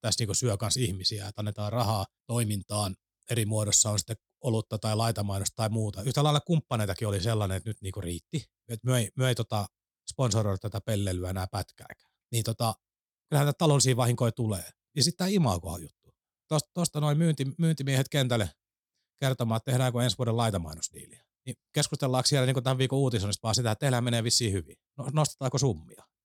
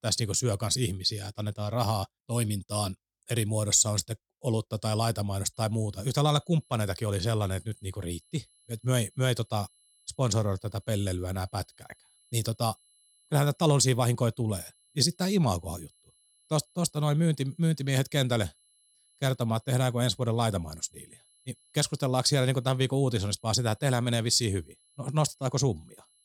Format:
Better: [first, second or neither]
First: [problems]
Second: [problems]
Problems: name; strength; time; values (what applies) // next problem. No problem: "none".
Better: first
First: none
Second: high-pitched whine; faint; from 5.5 s on; 11 kHz, 35 dB below the speech